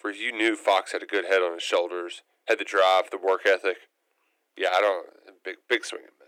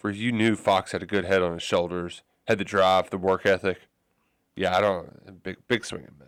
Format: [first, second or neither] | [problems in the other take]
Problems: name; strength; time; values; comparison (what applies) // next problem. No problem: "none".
second | thin; very; fading below 300 Hz